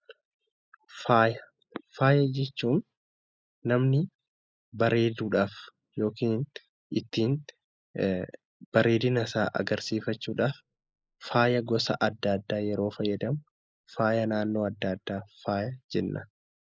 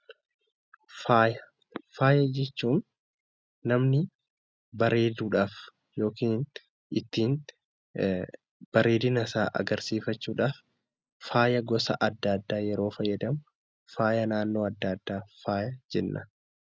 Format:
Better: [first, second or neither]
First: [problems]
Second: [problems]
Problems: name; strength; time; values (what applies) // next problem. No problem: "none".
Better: second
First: noise reduction (neural mask model Resemble Enhance denoiser)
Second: none